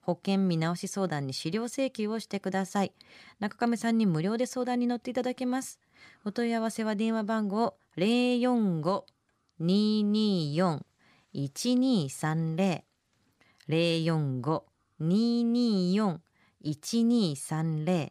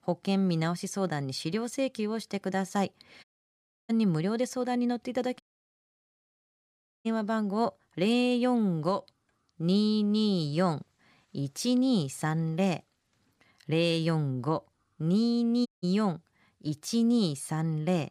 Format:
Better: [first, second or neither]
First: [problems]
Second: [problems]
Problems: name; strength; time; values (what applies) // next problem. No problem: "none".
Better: first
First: none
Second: audio cutting out; at 3 s for 0.5 s, at 5.5 s for 1.5 s and at 16 s